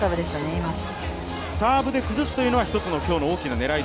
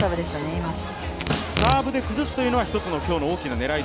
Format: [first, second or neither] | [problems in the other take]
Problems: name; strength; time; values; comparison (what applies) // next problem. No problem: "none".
first | background sound (Snare drum + Packing tape, duct tape / Tearing); 8 dB below the speech